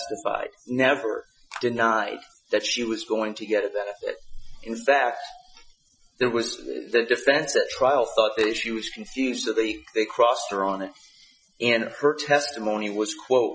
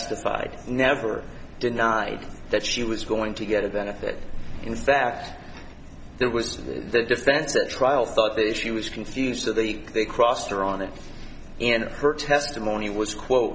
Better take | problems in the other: second | noise reduction (classical method Wiener filter)

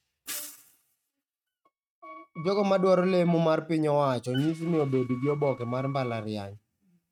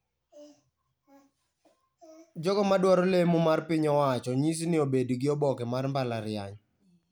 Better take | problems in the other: second | noise reduction (neural mask model RNNoise)

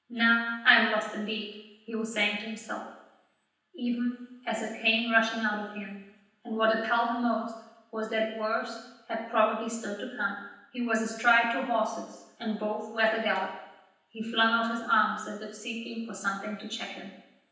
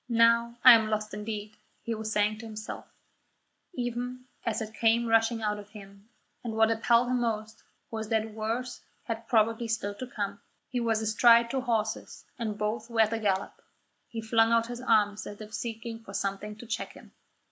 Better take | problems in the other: second | room echo; dies away in 0.9 s

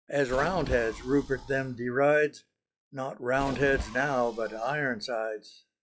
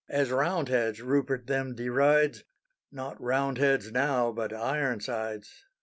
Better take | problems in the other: second | noise reduction (classical method log-MMSE)

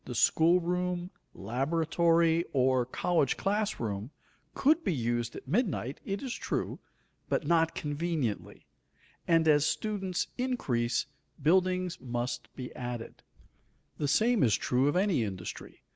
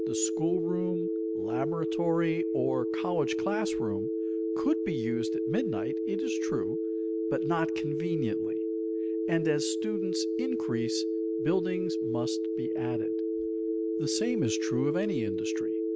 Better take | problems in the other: first | background sound (Telephone); 4 dB above the speech

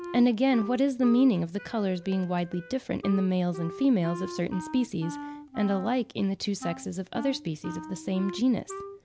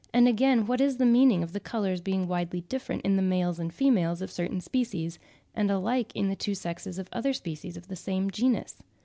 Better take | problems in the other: second | background sound (Wind instrument, woodwind instrument); 14 dB below the speech

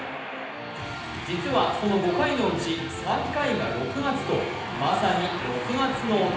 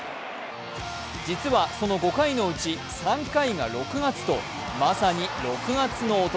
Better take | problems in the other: second | background sound (Wind instrument, woodwind instrument); 17 dB below the speech // room echo; dies away in 0.9 s

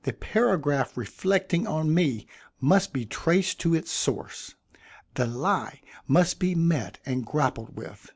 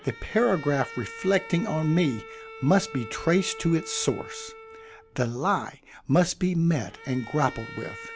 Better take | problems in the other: first | background sound (Bowed string instrument); 16 dB below the speech

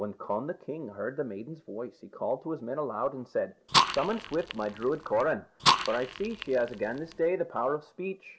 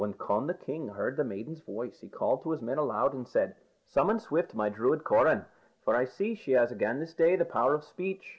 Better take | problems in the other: second | background sound (Fire); 1 dB above the speech

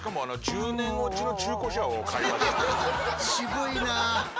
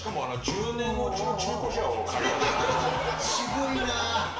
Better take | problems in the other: first | room echo; dies away in 0.8 s

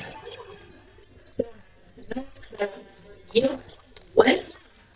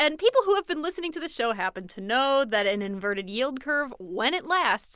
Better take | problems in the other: second | noise reduction (neural mask model DeepFilterNet 3)

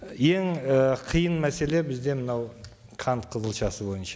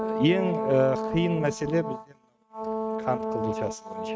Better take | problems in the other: first | noise reduction (neural mask model RNNoise)

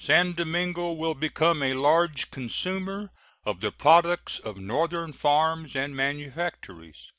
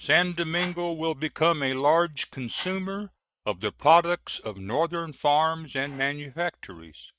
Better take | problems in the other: first | noise reduction (neural mask model RNNoise)

